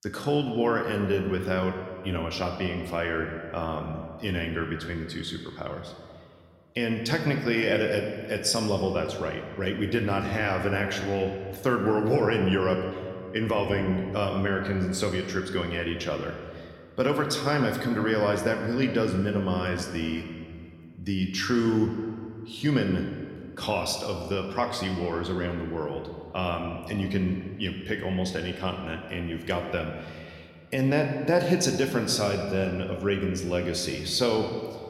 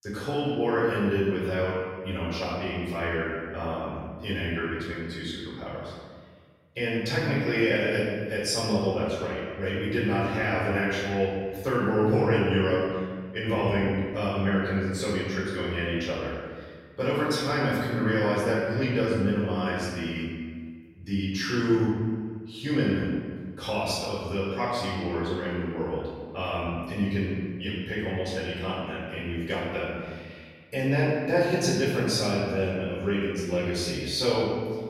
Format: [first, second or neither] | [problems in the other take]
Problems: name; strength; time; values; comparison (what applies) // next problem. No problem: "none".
first | room echo; strong; dies away in 1.5 s; slight in the first // off-mic speech; far